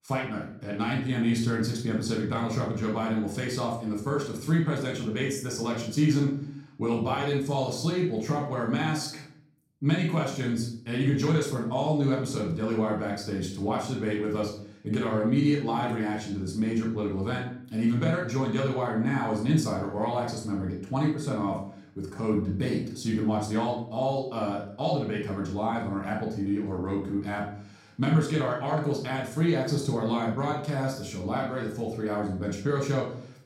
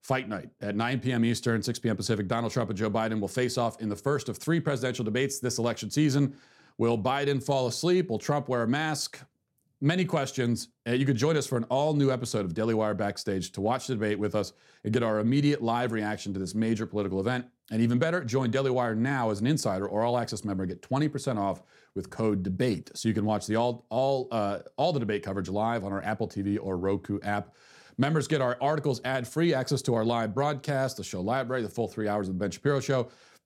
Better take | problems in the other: second | off-mic speech; far // room echo; noticeable; dies away in 0.5 s

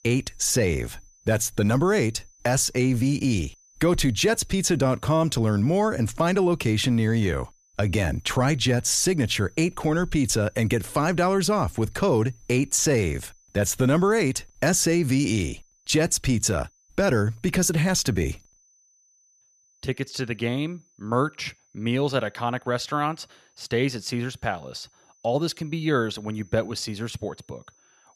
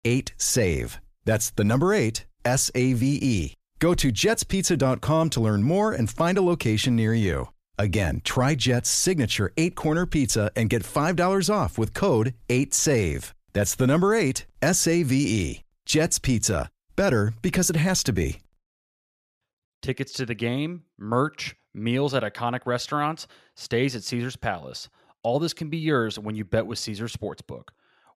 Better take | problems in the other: second | high-pitched whine; faint; throughout; 6 kHz, 35 dB below the speech

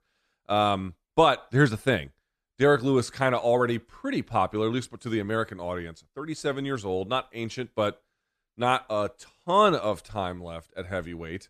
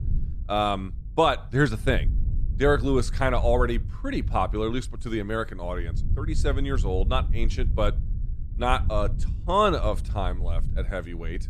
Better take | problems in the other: first | low rumble; faint; throughout; 20 dB below the speech

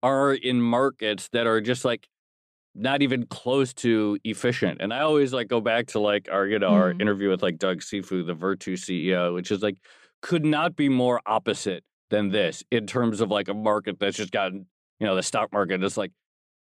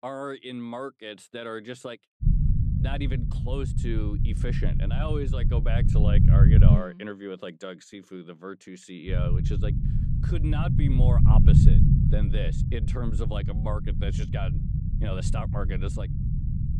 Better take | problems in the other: first | low rumble; loud; from 2 to 7 s and from 9 s on; as loud as the speech

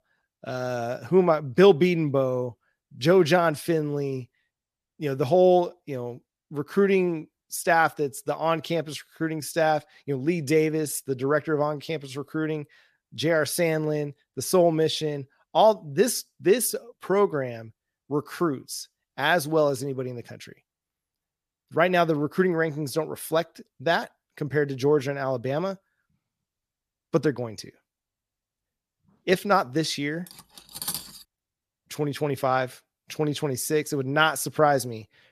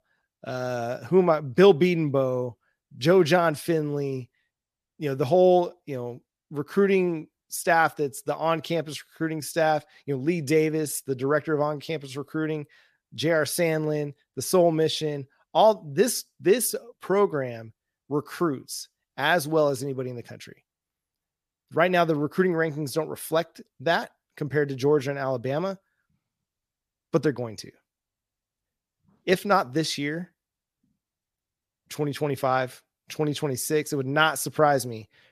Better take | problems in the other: second | clattering dishes; noticeable; at 30 s; peak 6 dB below the speech

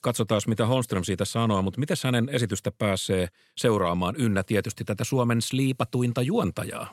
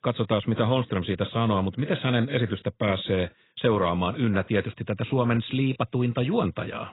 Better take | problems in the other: first | garbled, watery; badly; nothing above 4 kHz

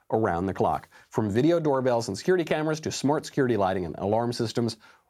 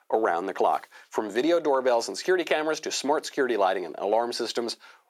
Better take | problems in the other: first | thin; somewhat; fading below 350 Hz

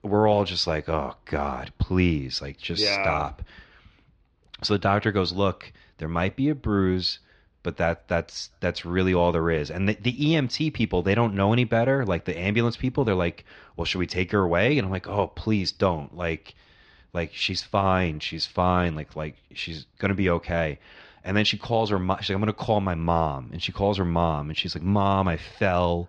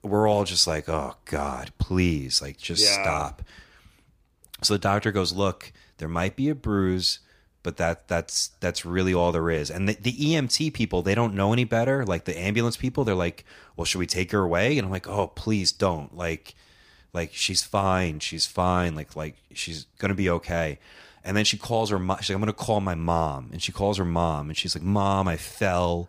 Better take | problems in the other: second | muffled; very slightly; fading above 4 kHz

